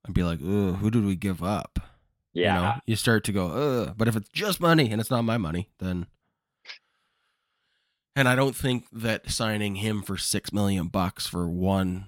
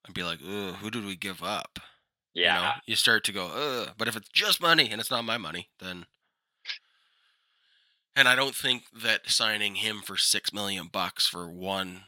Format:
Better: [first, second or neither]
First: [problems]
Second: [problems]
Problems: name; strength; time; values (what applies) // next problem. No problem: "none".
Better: first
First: none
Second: thin; somewhat; fading below 1 kHz